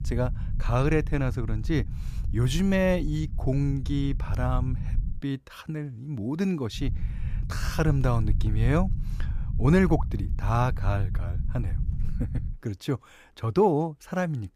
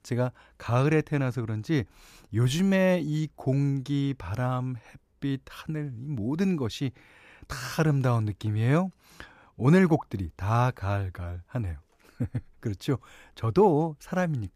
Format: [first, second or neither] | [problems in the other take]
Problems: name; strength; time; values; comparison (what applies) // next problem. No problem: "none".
second | low rumble; noticeable; until 5 s and from 7 to 13 s; 15 dB below the speech